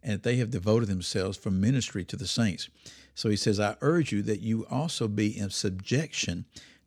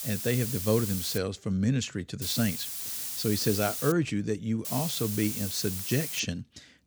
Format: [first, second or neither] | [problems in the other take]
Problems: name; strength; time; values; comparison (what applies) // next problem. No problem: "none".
first | hiss; loud; until 1 s, from 2 to 4 s and from 4.5 to 6 s; 4 dB below the speech